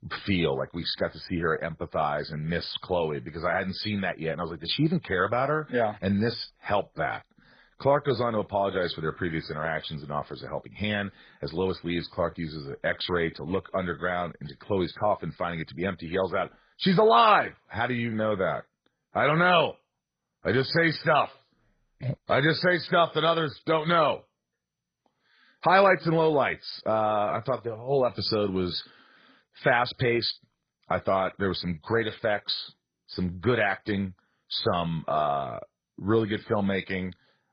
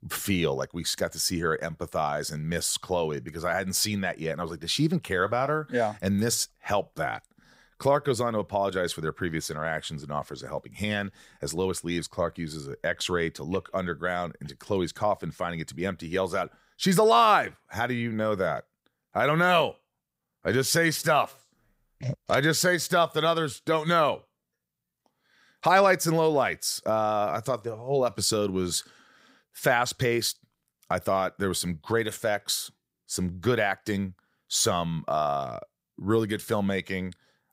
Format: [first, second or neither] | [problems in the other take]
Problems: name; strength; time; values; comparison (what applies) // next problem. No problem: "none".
second | garbled, watery; badly; nothing above 5 kHz